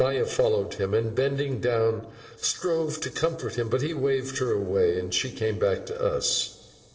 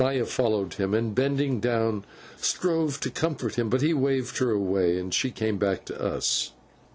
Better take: second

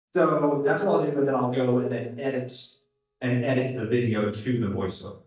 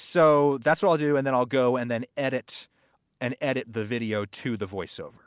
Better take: second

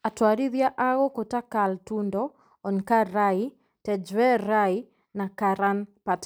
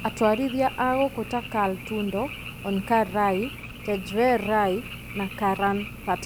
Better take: first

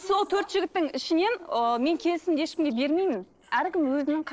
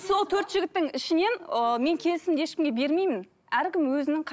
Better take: second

